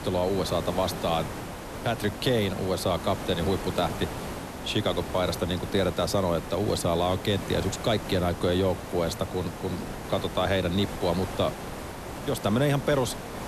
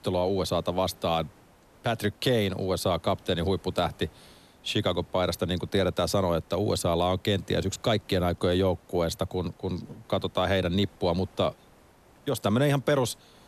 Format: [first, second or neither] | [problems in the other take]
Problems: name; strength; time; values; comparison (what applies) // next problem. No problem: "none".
second | hiss; loud; throughout; 9 dB below the speech; faint in the second